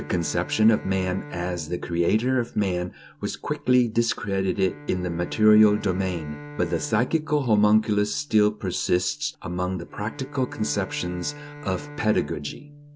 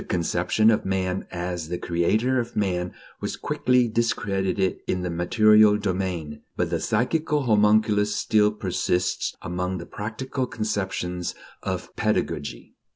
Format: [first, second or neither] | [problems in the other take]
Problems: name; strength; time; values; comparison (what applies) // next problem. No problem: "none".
second | background sound (Bowed string instrument); 17 dB below the speech